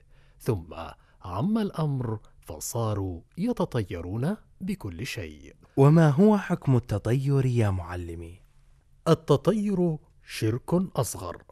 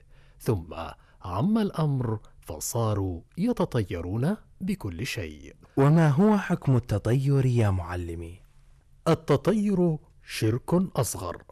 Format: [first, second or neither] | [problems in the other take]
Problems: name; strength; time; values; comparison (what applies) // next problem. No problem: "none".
first | distortion; slight; 10 dB below the speech